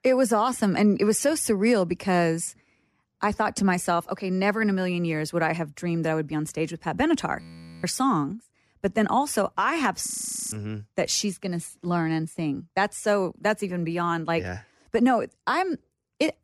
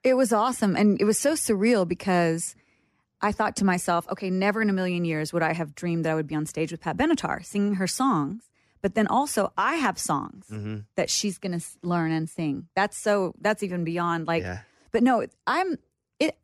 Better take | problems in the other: second | audio freezing; at 7.5 s and at 10 s

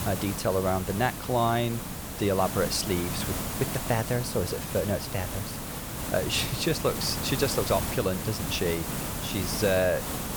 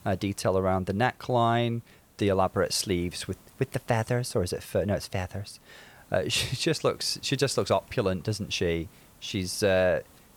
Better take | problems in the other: second | hiss; loud; throughout; 4 dB below the speech; faint in the second

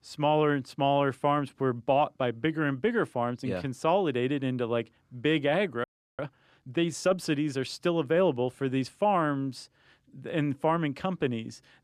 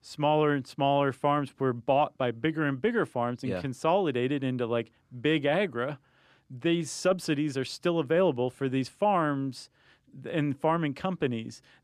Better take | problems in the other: second | audio freezing; at 6 s

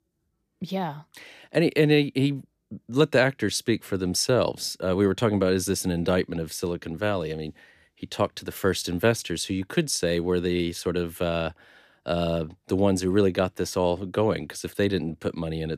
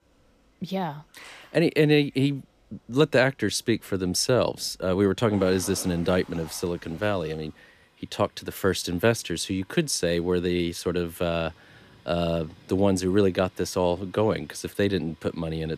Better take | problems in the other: first | rain or running water; faint; throughout; 25 dB below the speech

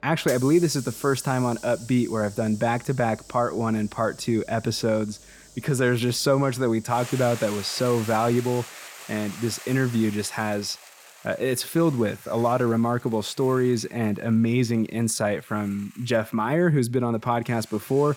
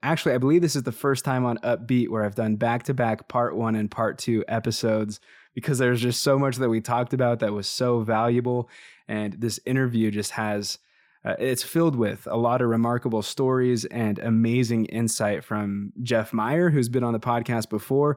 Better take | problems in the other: second | household noises; noticeable; throughout; 15 dB below the speech

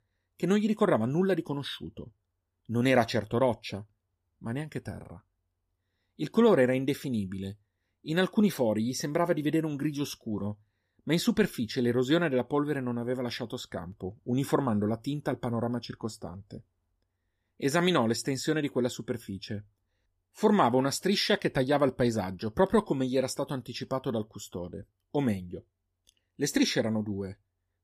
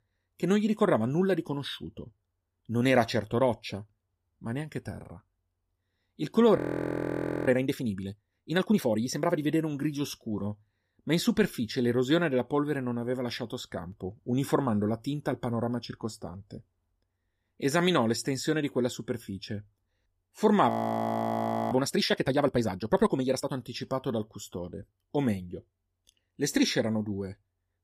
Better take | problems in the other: first | audio freezing; at 6.5 s for 1 s and at 21 s for 1 s

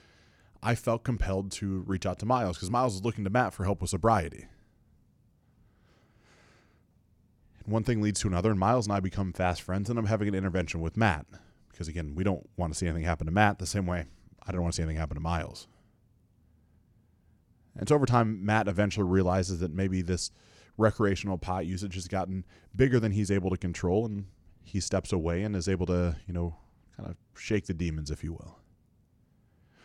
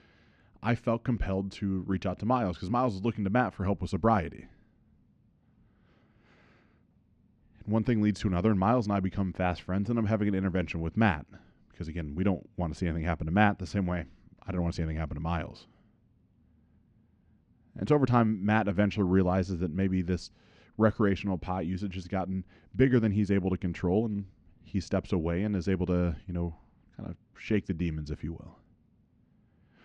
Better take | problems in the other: first | muffled; slightly; fading above 3 kHz

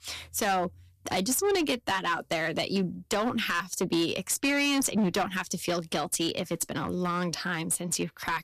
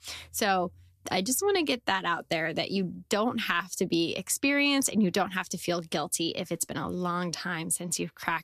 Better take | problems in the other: second | distortion; slight; 8% of the sound clipped

